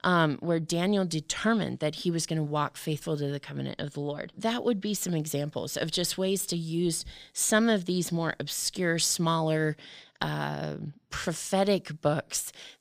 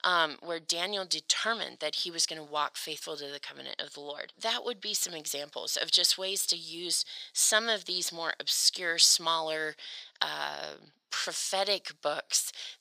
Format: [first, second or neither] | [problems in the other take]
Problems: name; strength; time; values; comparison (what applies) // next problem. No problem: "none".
first | thin; very; fading below 650 Hz